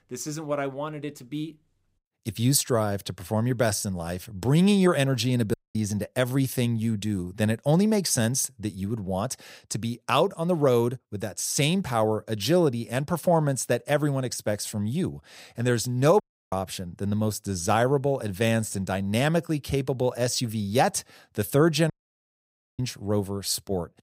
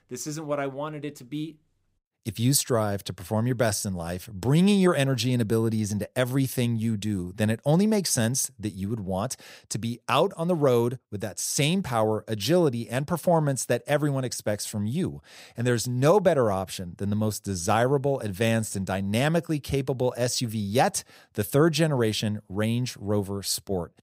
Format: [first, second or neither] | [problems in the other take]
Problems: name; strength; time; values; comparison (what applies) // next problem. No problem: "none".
second | audio cutting out; at 5.5 s, at 16 s and at 22 s for 1 s